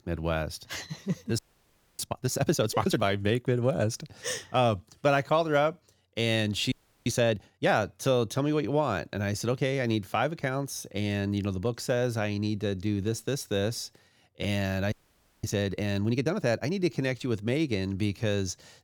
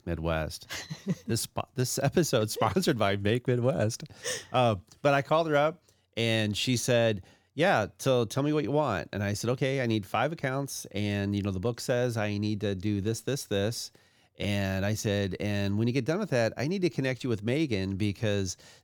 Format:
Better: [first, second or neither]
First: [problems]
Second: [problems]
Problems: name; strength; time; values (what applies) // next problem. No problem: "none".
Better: second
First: audio freezing; at 1.5 s for 0.5 s, at 6.5 s and at 15 s for 0.5 s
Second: none